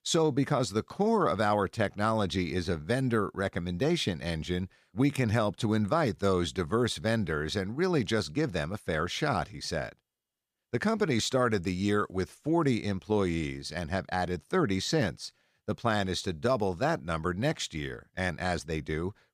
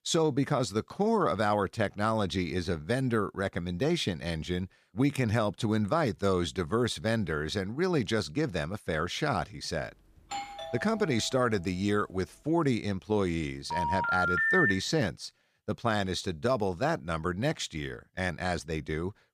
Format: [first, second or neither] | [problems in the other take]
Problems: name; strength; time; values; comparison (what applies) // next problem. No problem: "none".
first | doorbell; noticeable; from 10 to 11 s; peak 8 dB below the speech // phone ringing; loud; from 14 to 15 s; peak 6 dB above the speech